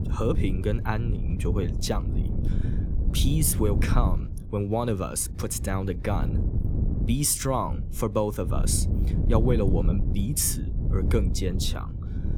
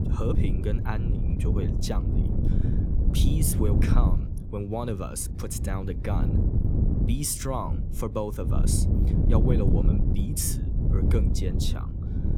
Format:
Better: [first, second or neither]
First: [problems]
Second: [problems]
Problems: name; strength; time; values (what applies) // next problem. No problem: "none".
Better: first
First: wind noise on the microphone; occasional gusts; 10 dB below the speech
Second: wind noise on the microphone; heavy; 3 dB below the speech